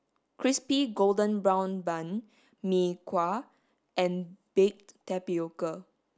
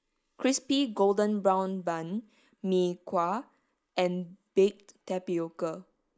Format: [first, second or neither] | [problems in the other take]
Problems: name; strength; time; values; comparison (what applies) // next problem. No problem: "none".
first | noise reduction (neural mask model Resemble Enhance denoiser)